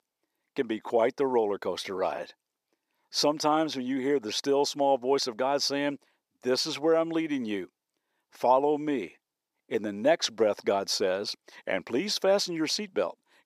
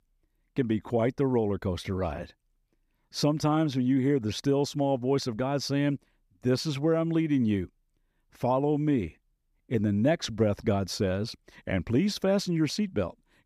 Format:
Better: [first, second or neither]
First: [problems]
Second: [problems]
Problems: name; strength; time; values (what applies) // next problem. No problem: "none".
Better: second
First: thin; somewhat; fading below 450 Hz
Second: none